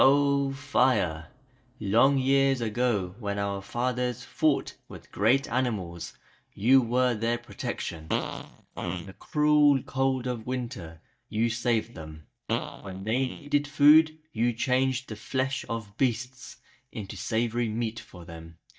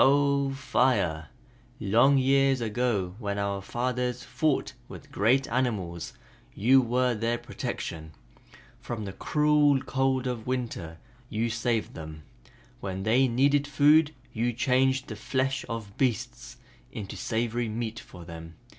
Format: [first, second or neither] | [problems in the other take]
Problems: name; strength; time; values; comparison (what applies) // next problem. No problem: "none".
second | noise reduction (neural mask model DeepFilterNet 3)